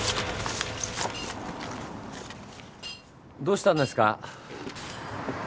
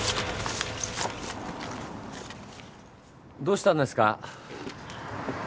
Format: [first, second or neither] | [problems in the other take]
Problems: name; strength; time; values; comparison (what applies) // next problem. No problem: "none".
second | background sound (Shatter); 18 dB below the speech